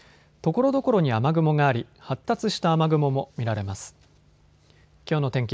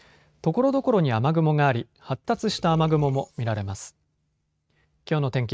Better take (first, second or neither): first